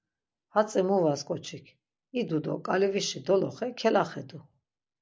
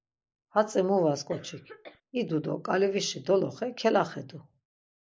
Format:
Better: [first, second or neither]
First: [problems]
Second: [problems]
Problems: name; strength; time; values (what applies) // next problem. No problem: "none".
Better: first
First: none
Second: noise reduction (neural mask model Resemble Enhance denoiser)